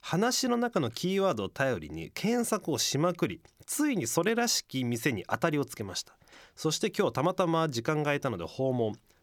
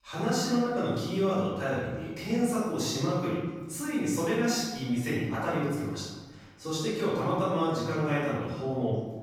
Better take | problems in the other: first | off-mic speech; far // room echo; strong; dies away in 1.2 s

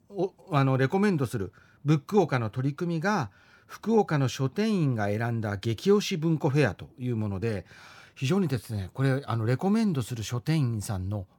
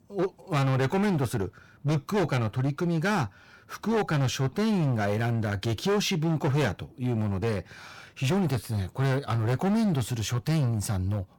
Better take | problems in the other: first | distortion; heavy; 19% of the sound clipped

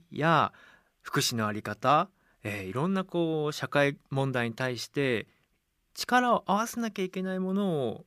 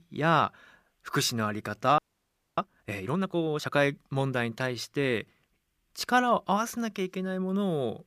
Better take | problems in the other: first | audio freezing; at 2 s for 0.5 s

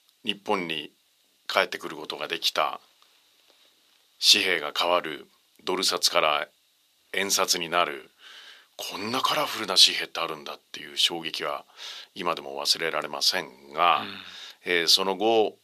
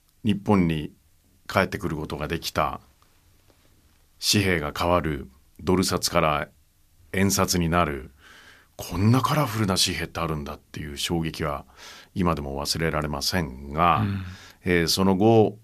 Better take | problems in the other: second | thin; very; fading below 500 Hz

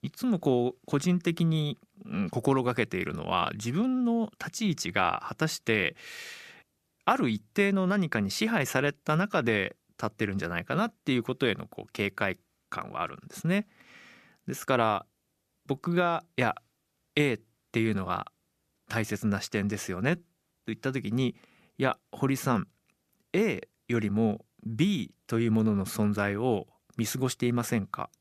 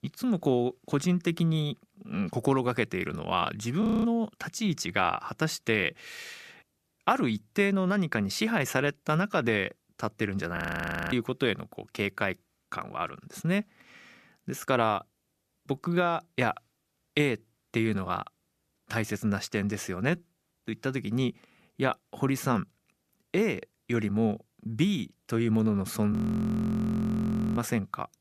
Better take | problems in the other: first | audio freezing; at 4 s, at 11 s for 0.5 s and at 26 s for 1.5 s

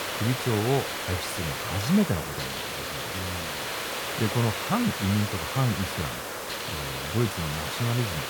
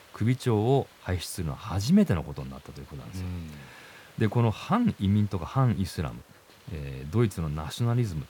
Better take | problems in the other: second | hiss; loud; throughout; 2 dB below the speech; faint in the second

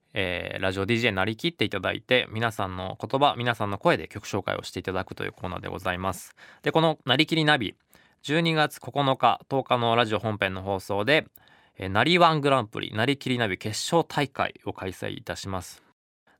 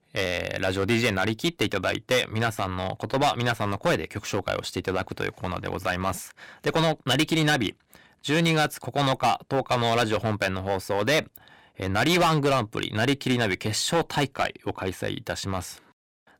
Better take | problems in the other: first | distortion; heavy; 7% of the sound clipped

